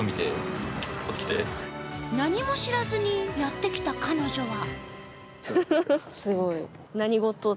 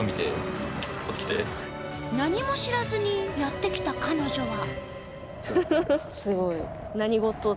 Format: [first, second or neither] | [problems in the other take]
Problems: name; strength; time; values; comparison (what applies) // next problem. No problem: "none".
first | background sound (Wind); 11 dB below the speech